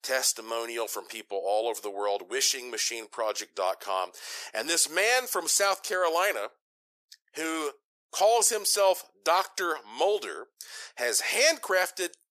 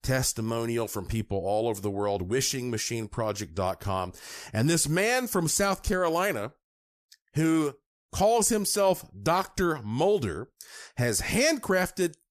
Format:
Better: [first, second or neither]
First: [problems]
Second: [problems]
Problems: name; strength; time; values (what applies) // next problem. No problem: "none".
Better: second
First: thin; very; fading below 450 Hz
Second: none